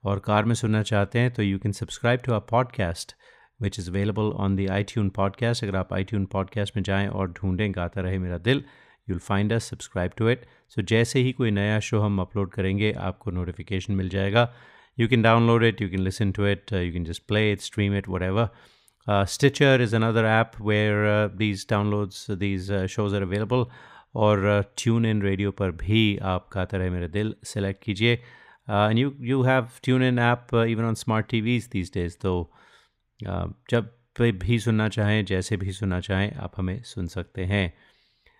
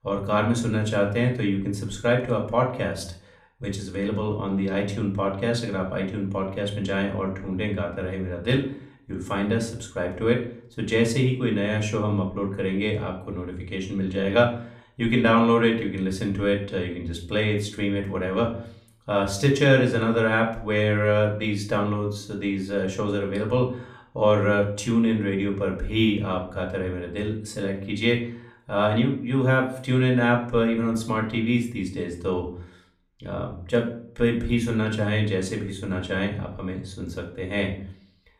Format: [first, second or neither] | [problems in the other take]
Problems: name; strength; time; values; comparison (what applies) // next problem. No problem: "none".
first | room echo; slight; dies away in 0.4 s // off-mic speech; far